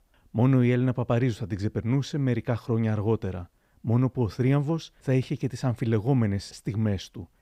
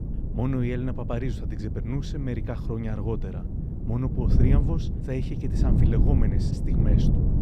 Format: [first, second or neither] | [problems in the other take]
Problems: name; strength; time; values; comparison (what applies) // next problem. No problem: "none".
first | wind noise on the microphone; heavy; 2 dB below the speech